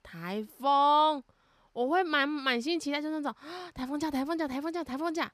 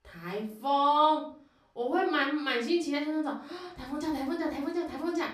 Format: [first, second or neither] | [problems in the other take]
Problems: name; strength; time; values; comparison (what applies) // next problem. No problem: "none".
first | off-mic speech; far // room echo; slight; dies away in 0.4 s